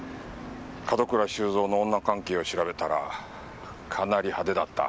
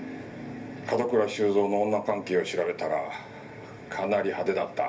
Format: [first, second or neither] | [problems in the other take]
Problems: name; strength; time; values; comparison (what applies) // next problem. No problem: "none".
first | room echo; dies away in 0.3 s